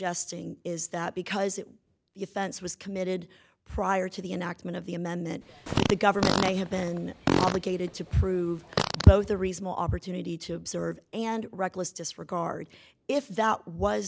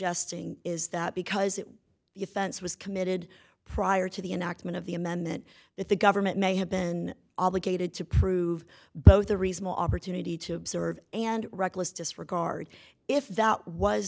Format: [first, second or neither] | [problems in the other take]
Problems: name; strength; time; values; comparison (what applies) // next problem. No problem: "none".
second | background sound (Fart); 2 dB below the speech